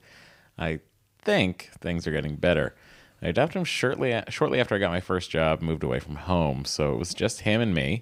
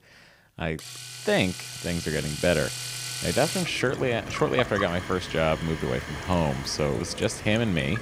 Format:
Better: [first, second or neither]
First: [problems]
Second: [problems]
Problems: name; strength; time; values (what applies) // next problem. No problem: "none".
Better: first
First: none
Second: household noises; loud; throughout; 7 dB below the speech